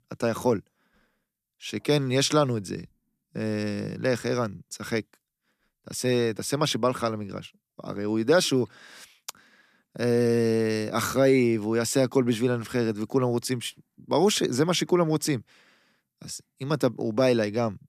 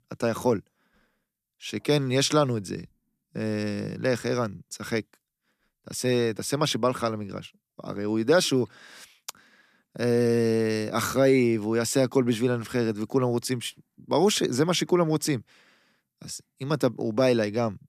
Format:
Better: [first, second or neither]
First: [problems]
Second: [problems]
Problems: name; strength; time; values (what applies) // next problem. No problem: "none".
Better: neither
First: none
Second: none